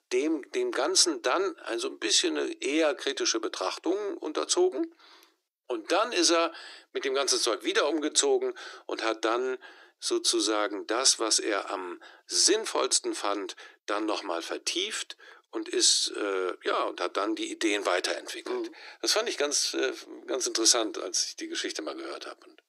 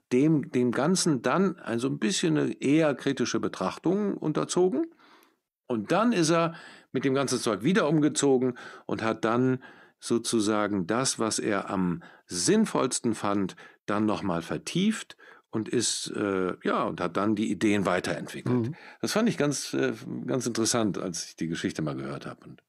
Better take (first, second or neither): second